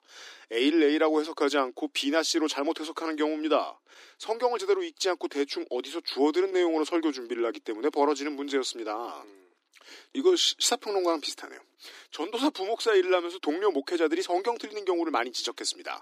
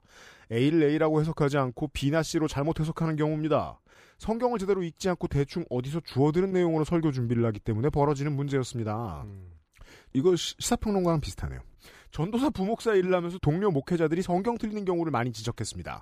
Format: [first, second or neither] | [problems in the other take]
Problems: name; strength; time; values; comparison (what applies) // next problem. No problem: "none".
second | thin; somewhat; fading below 300 Hz